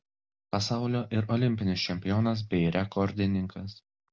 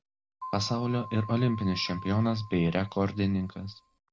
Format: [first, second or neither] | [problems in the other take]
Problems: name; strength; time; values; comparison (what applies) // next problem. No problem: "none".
first | background sound (Keyboard (musical)); 15 dB below the speech